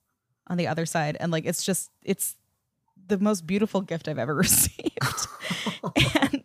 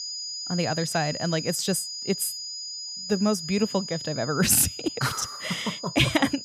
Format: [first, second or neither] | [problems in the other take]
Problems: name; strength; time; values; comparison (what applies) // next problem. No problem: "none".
first | high-pitched whine; loud; throughout; 5 kHz, 8 dB below the speech